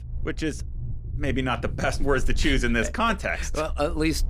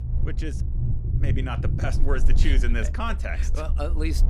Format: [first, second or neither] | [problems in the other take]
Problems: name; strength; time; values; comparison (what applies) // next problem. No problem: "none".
first | low rumble; loud; throughout; 9 dB below the speech; faint in the first